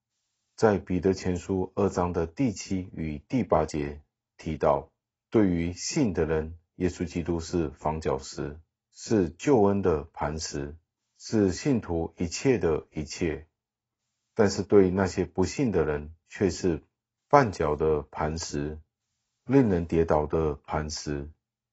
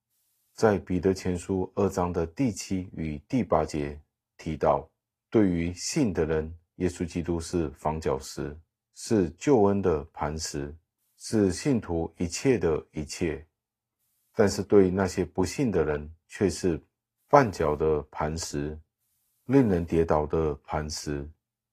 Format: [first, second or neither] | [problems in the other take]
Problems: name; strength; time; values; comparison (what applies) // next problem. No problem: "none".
second | garbled, watery; badly; nothing above 7.5 kHz; slightly in the second